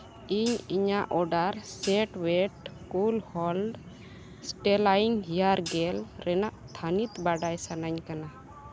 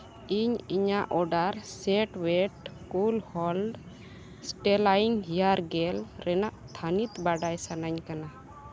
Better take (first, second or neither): second